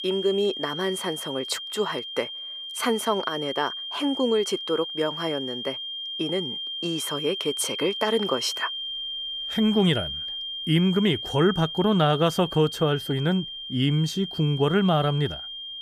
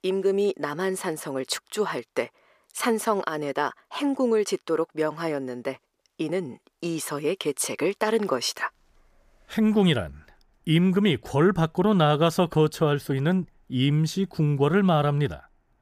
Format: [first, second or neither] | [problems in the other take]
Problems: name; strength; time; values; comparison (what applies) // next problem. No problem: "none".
second | high-pitched whine; loud; throughout; 3 kHz, 6 dB below the speech